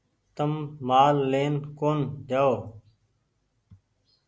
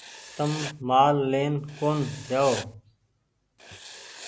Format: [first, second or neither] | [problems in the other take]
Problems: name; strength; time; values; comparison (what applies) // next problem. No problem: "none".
first | background sound (Writing); 15 dB below the speech